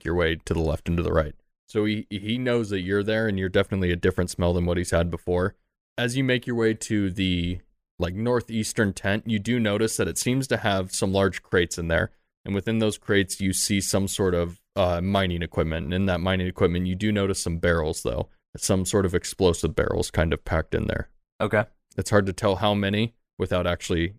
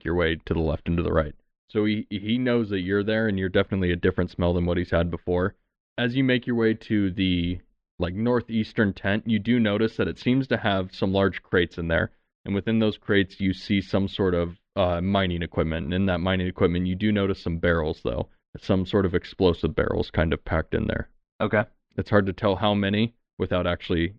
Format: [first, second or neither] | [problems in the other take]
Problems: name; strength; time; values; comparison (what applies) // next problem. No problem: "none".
first | muffled; slightly; fading above 4 kHz